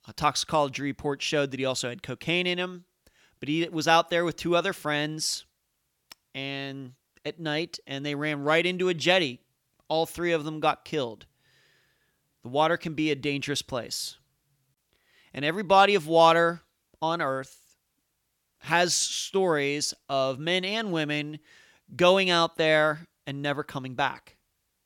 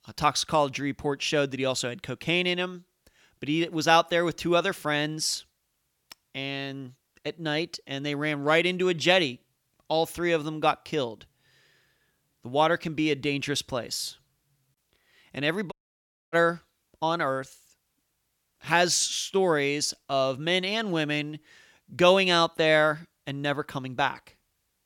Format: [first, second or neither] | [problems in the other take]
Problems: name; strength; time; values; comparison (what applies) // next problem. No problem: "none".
first | audio cutting out; at 16 s for 0.5 s